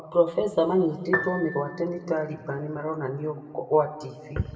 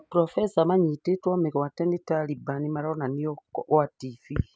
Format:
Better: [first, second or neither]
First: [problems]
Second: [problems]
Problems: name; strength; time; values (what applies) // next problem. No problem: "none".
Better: second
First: background sound (Piano); 7 dB below the speech // room echo; dies away in 1.7 s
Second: none